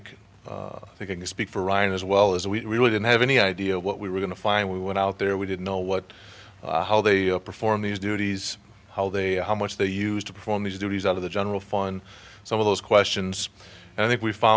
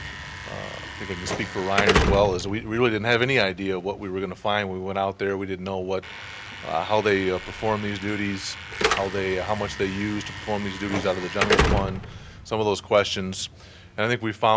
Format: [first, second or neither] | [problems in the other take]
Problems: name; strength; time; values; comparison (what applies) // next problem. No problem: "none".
first | background sound (Slam / Alarm); 4 dB below the speech